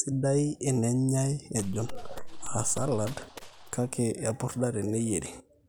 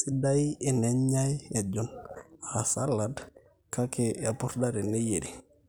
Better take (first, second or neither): second